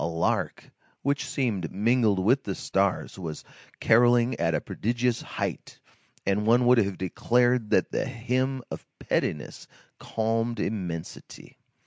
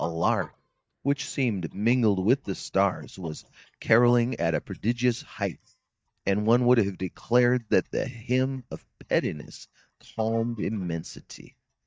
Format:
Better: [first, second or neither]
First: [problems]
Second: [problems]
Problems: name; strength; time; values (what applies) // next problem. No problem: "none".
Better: first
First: none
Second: noise reduction (neural mask model DeepFilterNet 3)